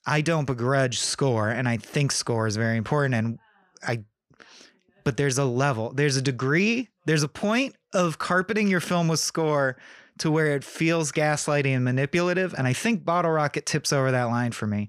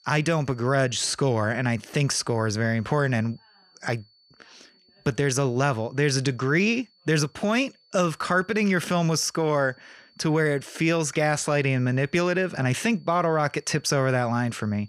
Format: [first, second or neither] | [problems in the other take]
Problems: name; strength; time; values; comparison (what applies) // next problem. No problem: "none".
first | high-pitched whine; faint; throughout; 4.5 kHz, 35 dB below the speech